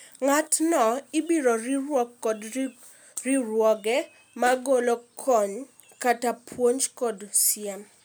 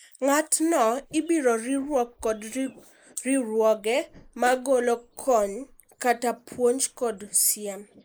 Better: first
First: none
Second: noise reduction (neural mask model Resemble Enhance denoiser)

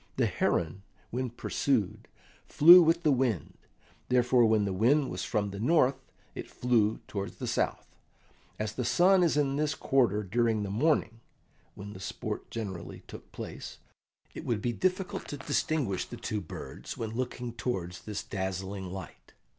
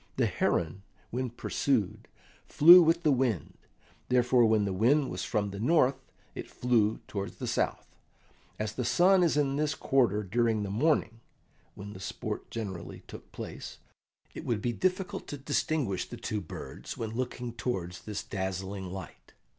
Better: second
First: background sound (Fart); 19 dB below the speech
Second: none

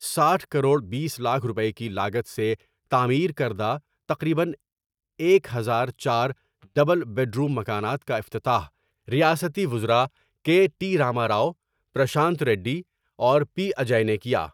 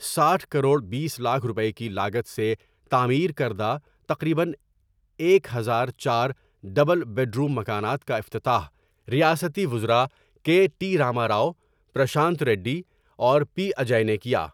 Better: second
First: noise reduction (neural mask model DeepFilterNet 3)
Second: none

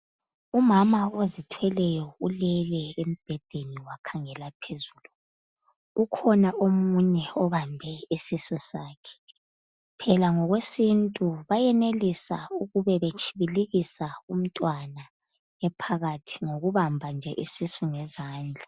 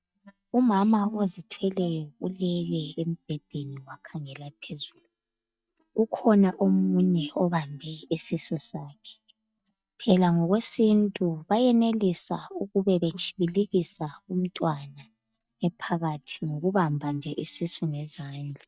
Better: first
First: none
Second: noise reduction (neural mask model DeepFilterNet 3)

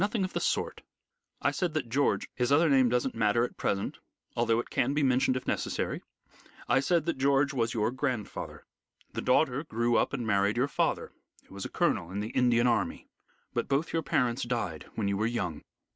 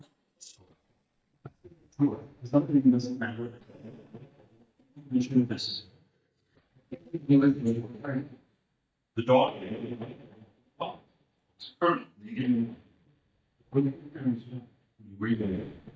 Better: first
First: none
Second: noise reduction (neural mask model DeepFilterNet 3)

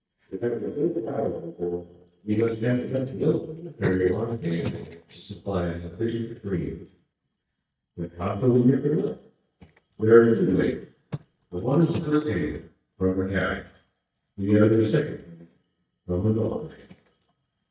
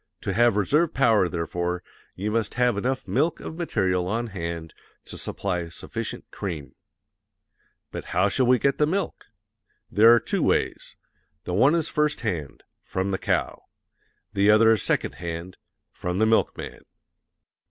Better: second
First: noise reduction (neural mask model DeepFilterNet 3)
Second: none

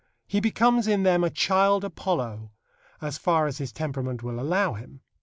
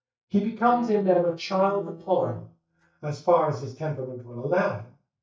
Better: first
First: none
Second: noise reduction (neural mask model DeepFilterNet 3)

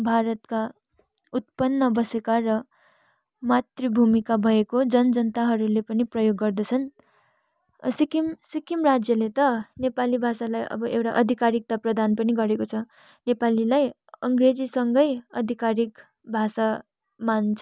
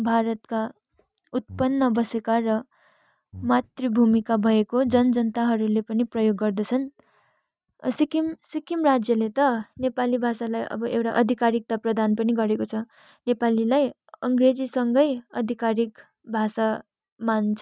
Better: first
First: none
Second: noise reduction (neural mask model RNNoise)

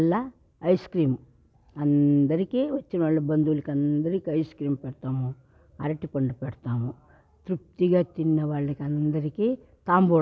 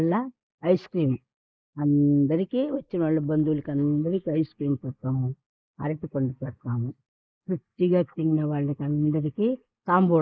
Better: first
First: none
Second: noise reduction (neural mask model Resemble Enhance denoiser)

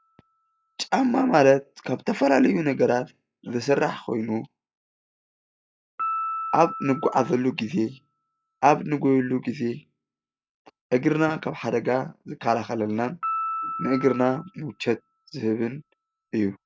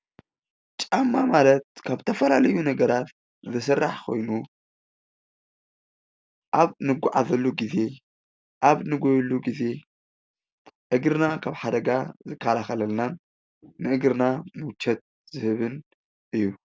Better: second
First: noise reduction (classical method log-MMSE)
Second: none

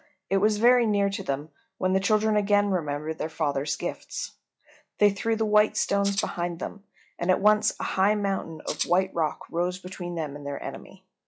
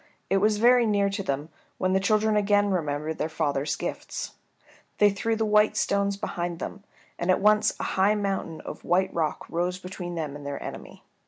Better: second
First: noise reduction (classical method log-MMSE)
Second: none

